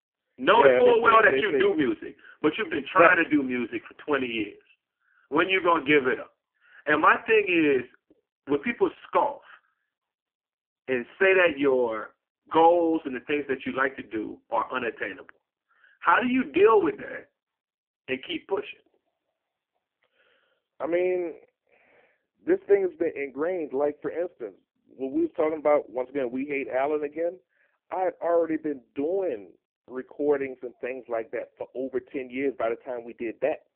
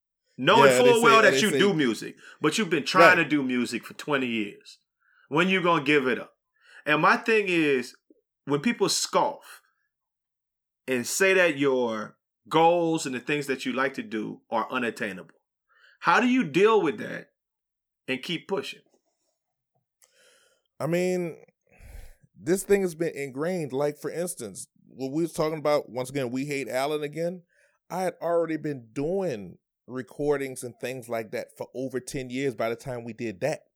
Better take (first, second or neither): second